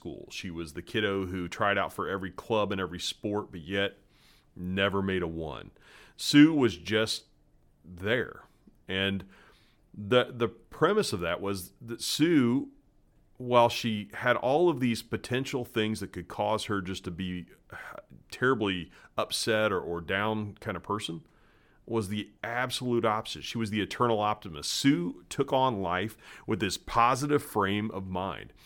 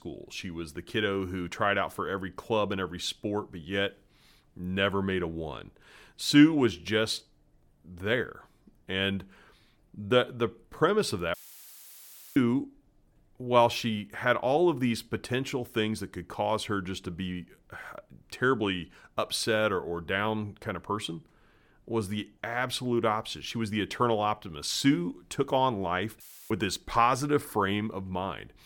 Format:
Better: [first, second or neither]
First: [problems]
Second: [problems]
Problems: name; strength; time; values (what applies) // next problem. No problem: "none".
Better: first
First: none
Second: audio cutting out; filled with static; at 11 s for 1 s and at 26 s